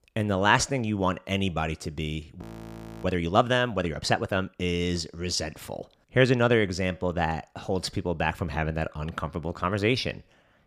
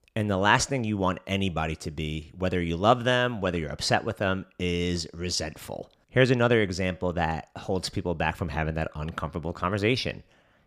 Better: second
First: audio freezing; at 2.5 s for 0.5 s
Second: none

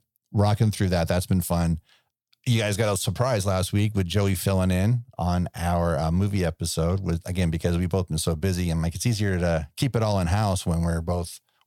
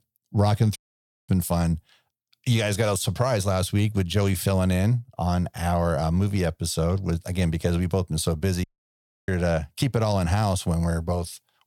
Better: first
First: none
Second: audio cutting out; at 1 s for 0.5 s and at 8.5 s for 0.5 s

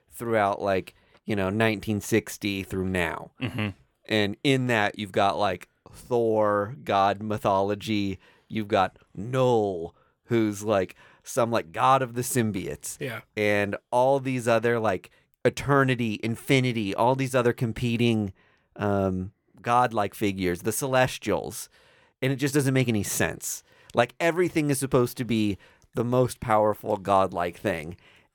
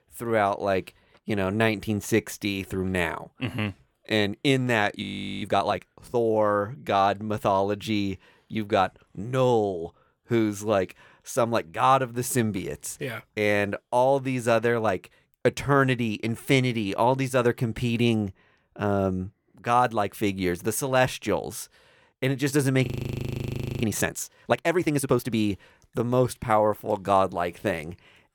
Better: first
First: none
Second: audio freezing; at 5 s and at 23 s for 1 s

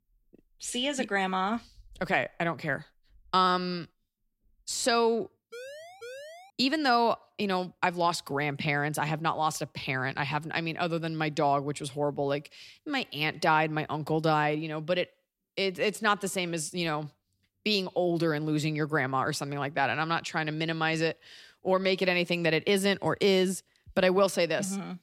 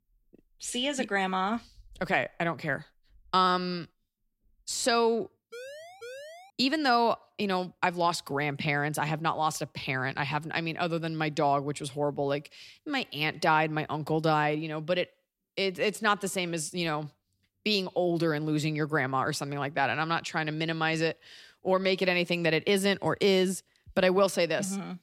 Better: neither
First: siren; faint; at 5.5 s; peak 15 dB below the speech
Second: siren; faint; at 5.5 s; peak 15 dB below the speech

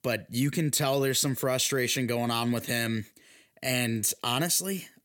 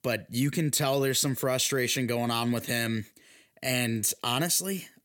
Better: neither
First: none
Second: none

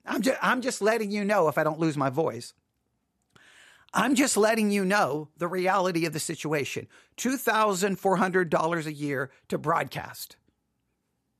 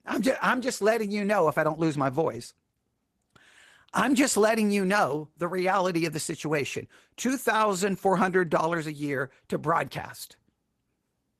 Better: first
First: none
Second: garbled, watery; slightly; nothing above 13.5 kHz

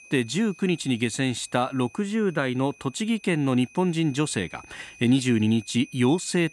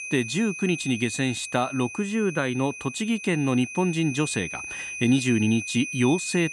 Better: first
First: high-pitched whine; faint; throughout; 2.5 kHz, 25 dB below the speech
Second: high-pitched whine; loud; throughout; 2.5 kHz, 8 dB below the speech

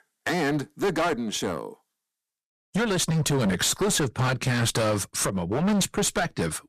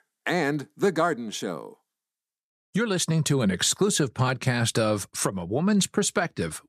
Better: second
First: distortion; heavy; 19% of the sound clipped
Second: none

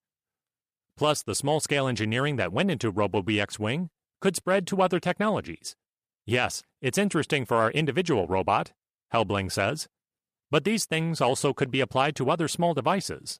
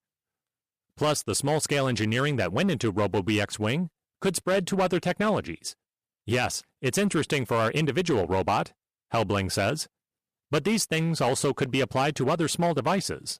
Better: first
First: none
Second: distortion; slight; 7% of the sound clipped

